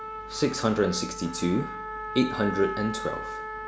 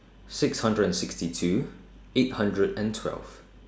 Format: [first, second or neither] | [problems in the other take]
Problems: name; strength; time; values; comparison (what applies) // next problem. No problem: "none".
second | background sound (Trumpet); 8 dB below the speech